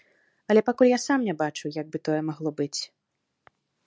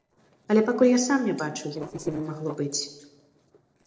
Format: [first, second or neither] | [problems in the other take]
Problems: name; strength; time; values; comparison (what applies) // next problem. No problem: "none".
first | noise reduction (neural separator model SepFormer DNS4)